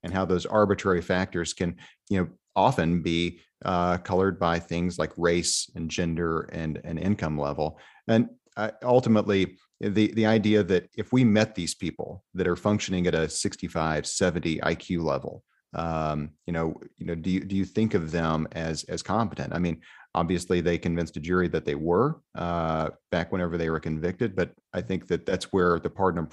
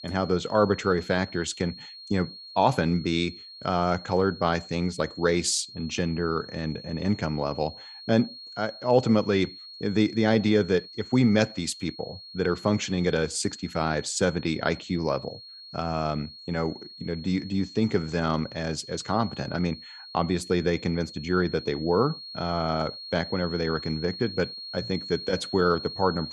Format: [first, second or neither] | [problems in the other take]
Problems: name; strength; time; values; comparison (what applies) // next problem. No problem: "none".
first | high-pitched whine; noticeable; throughout; 4.5 kHz, 15 dB below the speech